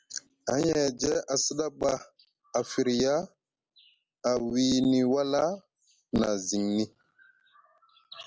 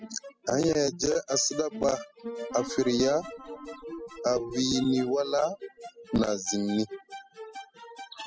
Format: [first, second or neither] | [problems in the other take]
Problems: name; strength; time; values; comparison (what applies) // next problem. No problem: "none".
first | noise reduction (classical method spectral subtraction)